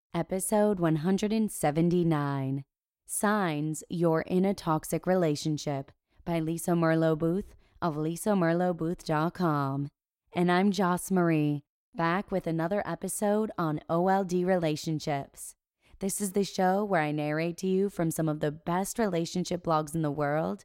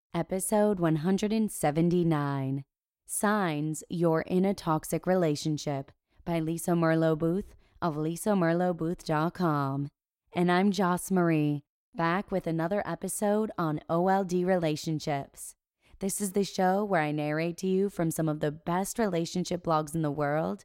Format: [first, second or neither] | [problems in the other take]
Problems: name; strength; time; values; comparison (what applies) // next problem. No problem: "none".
neither | none